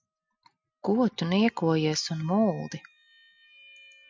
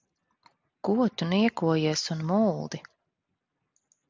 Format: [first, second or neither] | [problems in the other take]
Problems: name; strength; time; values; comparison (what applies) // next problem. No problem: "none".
second | noise reduction (classical method Wiener filter)